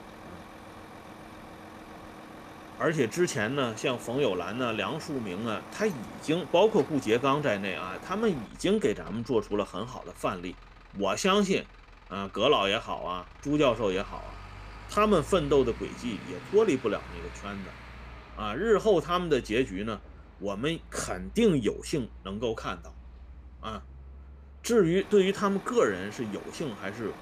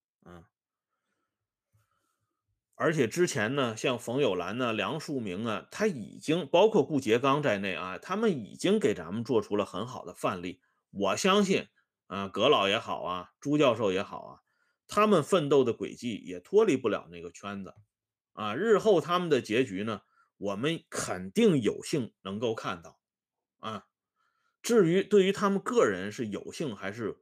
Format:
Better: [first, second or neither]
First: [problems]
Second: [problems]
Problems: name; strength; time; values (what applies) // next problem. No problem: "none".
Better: second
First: traffic noise; noticeable; throughout; 20 dB below the speech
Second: none